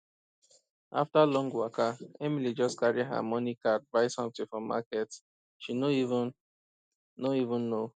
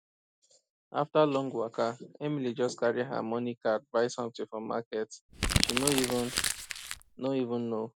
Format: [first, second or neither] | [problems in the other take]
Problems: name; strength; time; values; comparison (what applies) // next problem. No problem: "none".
first | background sound (Crumpling, crinkling); as loud as the speech